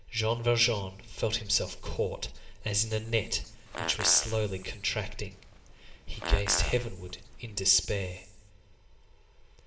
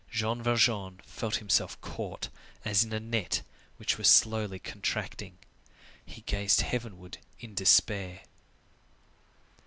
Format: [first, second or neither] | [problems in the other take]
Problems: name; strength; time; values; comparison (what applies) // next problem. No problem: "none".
second | background sound (Fart); 11 dB below the speech // room echo; dies away in 0.9 s